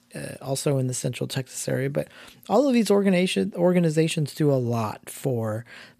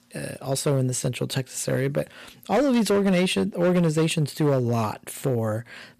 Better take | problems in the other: first | distortion; slight; 9% of the sound clipped

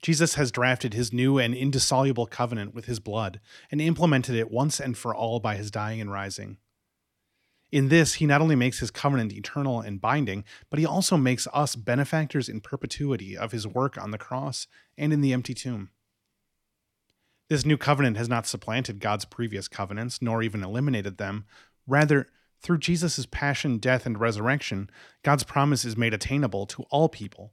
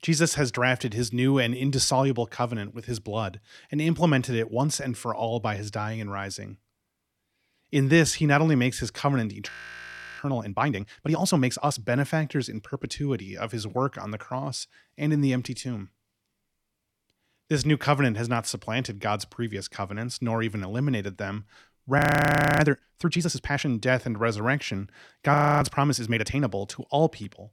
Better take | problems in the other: first | audio freezing; at 9.5 s for 0.5 s, at 22 s for 0.5 s and at 25 s

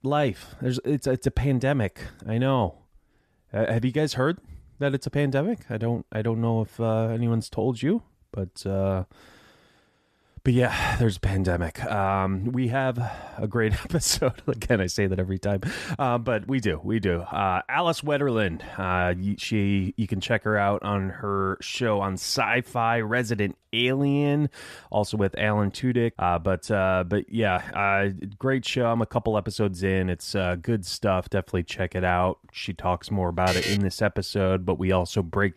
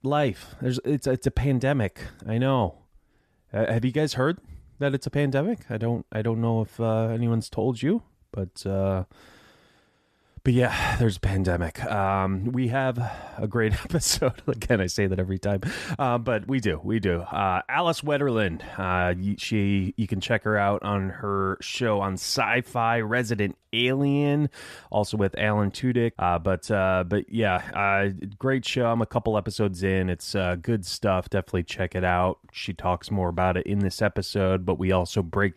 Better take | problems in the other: second | alarm; noticeable; at 33 s; peak 2 dB below the speech

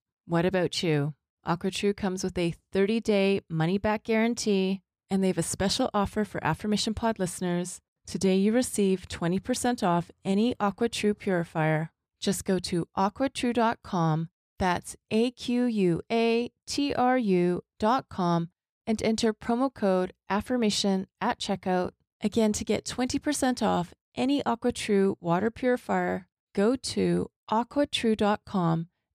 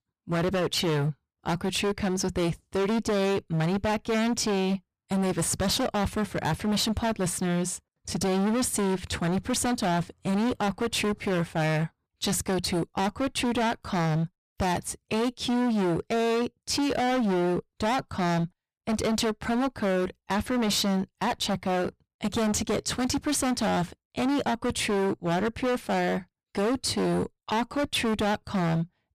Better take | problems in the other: first | distortion; heavy; 29% of the sound clipped

